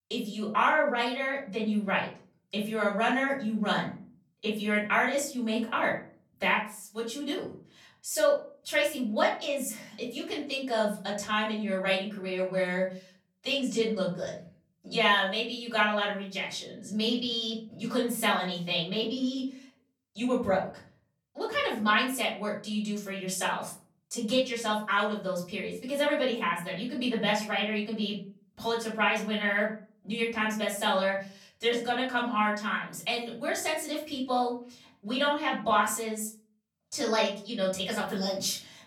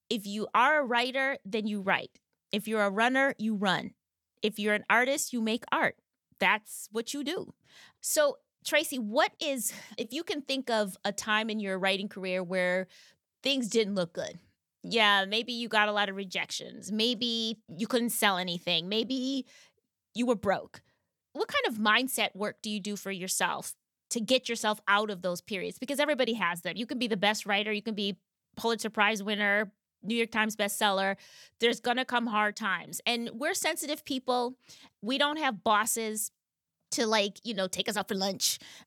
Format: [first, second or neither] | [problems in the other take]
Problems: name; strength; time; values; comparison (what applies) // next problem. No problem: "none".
second | off-mic speech; far // room echo; slight; dies away in 0.4 s